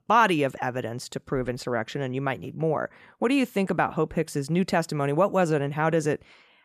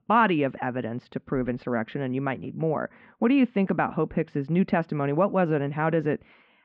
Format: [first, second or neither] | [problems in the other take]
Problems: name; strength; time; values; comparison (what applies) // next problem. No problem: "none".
first | muffled; very; fading above 3 kHz